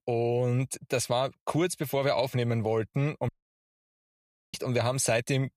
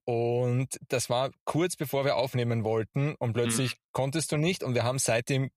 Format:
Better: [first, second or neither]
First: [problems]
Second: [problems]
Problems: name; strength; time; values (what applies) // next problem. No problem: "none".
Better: second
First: audio cutting out; at 3.5 s for 1 s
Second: none